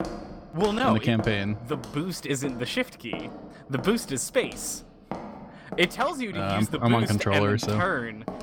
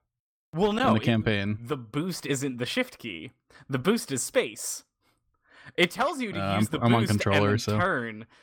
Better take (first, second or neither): second